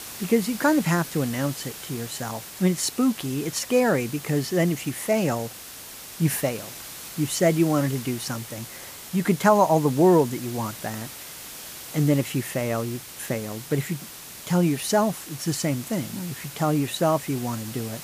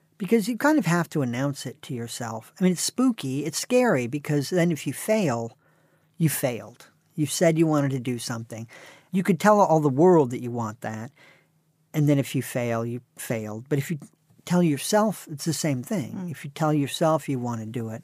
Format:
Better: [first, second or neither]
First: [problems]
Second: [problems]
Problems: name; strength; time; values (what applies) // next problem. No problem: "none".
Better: second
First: hiss; noticeable; throughout; 15 dB below the speech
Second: none